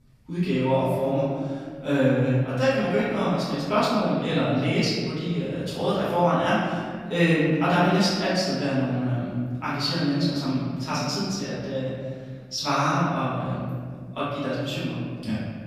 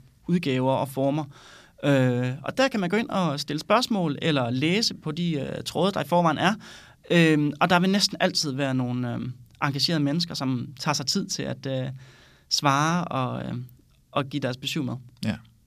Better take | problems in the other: second | room echo; strong; dies away in 1.8 s // off-mic speech; far

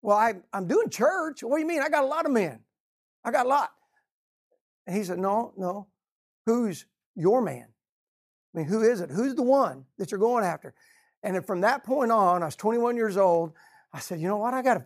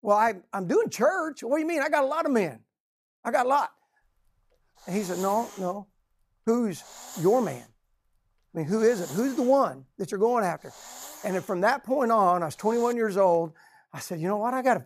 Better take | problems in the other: first | hiss; noticeable; from 4 to 13 s; 20 dB below the speech

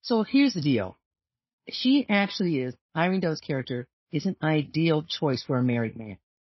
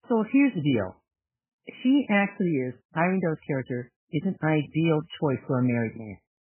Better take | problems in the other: first | garbled, watery; badly; nothing above 3 kHz; slightly in the first

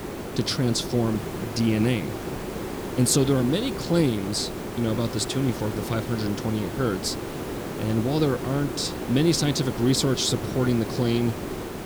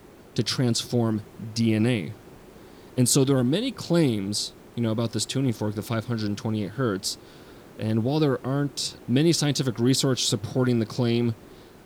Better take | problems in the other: second | hiss; loud; throughout; 7 dB below the speech; faint in the second

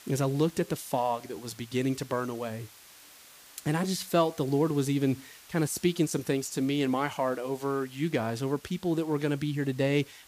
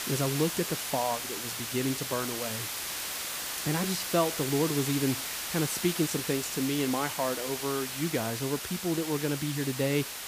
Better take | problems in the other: first | hiss; loud; throughout; 2 dB below the speech; faint in the first

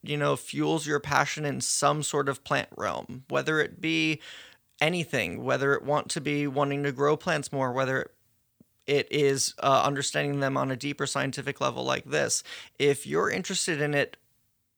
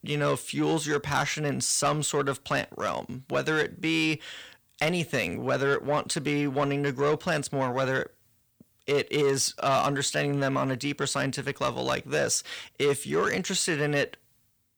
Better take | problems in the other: first | distortion; slight; 10 dB below the speech

